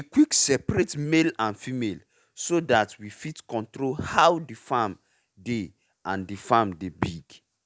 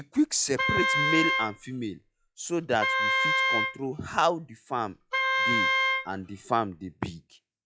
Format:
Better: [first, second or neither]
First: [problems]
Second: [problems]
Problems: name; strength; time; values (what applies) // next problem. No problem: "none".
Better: first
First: none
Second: noise reduction (classical method log-MMSE)